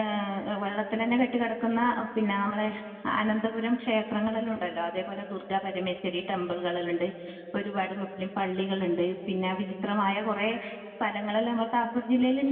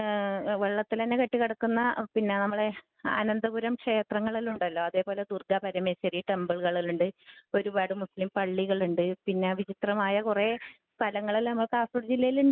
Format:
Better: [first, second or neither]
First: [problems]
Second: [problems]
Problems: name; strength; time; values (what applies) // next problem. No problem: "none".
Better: second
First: room echo; dies away in 2.5 s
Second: none